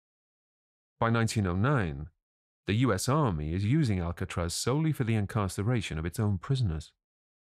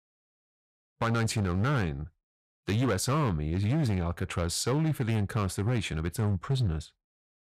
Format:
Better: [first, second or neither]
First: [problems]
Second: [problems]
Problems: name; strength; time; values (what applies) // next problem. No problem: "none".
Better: first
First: none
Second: distortion; slight; 12% of the sound clipped